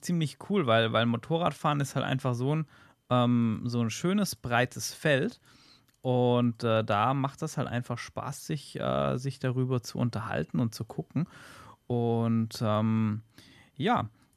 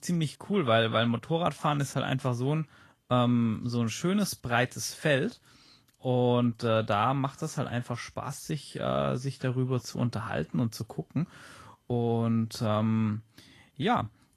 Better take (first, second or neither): first